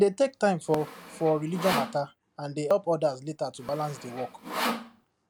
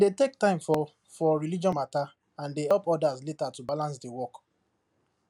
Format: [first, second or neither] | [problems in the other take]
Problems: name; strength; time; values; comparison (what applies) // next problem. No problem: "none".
second | background sound (Sawing); 8 dB below the speech